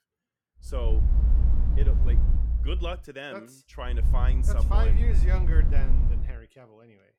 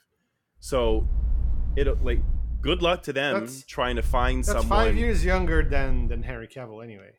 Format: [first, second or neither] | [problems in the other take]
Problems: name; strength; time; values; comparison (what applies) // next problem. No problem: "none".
second | low rumble; loud; from 1 to 3 s and from 4 to 6.5 s; 6 dB below the speech; faint in the second